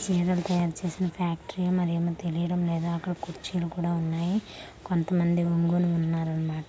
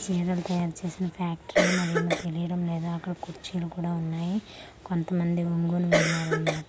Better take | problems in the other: first | background sound (Cough); 3 dB above the speech

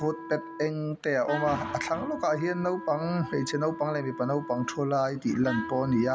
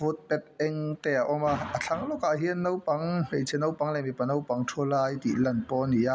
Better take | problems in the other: second | background sound (Wind instrument, woodwind instrument); 12 dB below the speech

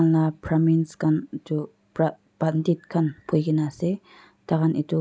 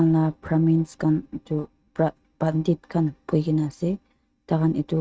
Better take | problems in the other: first | noise reduction (neural mask model RNNoise)

